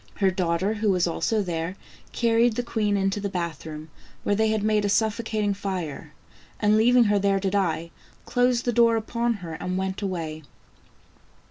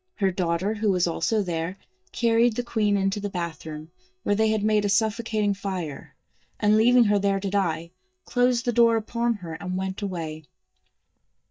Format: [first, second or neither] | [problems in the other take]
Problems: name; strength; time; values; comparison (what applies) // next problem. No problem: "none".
first | noise reduction (neural mask model DeepFilterNet 3)